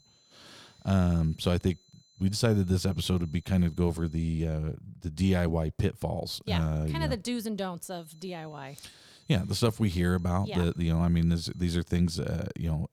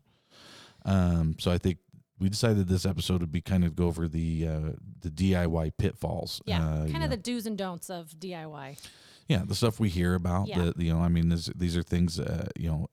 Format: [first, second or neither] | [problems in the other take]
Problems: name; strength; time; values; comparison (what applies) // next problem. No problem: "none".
second | high-pitched whine; faint; until 4.5 s and from 8 to 12 s; 4 kHz, 35 dB below the speech